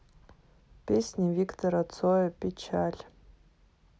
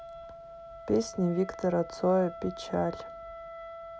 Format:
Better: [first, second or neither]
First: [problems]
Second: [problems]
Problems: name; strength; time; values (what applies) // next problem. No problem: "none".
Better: first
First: none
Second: background sound (Wind instrument, woodwind instrument); 13 dB below the speech